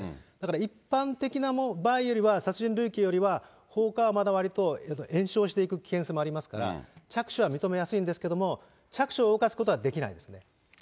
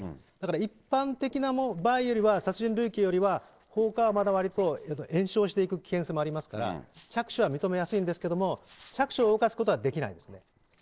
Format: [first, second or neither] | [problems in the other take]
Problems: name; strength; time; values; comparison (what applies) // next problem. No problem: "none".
first | noise reduction (neural separator model SepFormer DNS4)